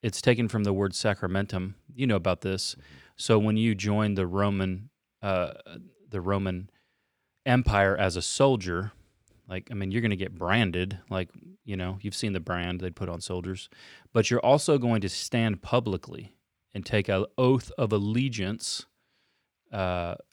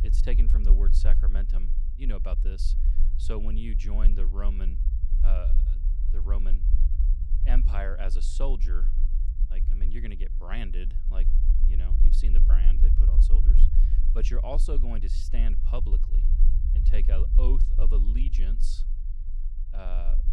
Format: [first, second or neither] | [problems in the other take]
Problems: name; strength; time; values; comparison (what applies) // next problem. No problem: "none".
first | low rumble; loud; throughout; 8 dB below the speech